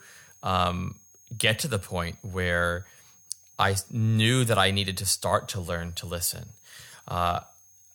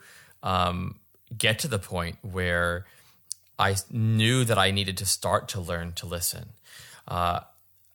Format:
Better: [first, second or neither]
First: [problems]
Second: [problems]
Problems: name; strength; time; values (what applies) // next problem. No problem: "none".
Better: second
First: high-pitched whine; faint; throughout; 6.5 kHz, 30 dB below the speech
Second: none